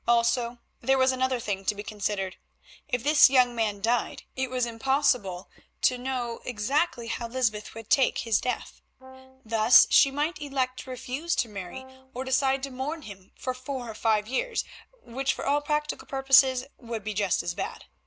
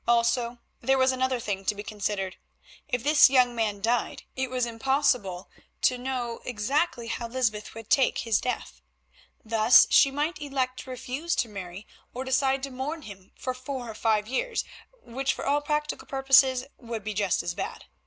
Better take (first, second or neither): second